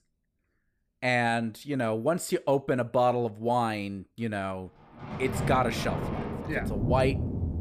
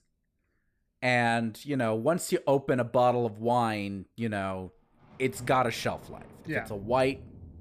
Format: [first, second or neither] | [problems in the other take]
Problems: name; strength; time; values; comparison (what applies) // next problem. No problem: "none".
second | rain or running water; loud; from 5.5 s on; 4 dB below the speech; faint in the second